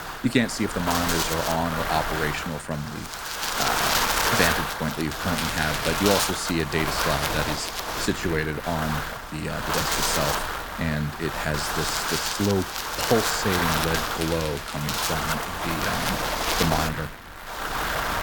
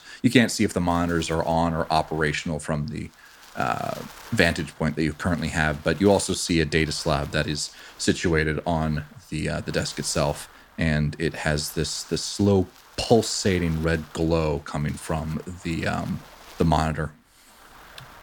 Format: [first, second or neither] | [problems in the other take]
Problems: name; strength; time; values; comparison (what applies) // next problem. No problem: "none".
second | wind noise on the microphone; heavy; 3 dB above the speech; occasional gusts in the second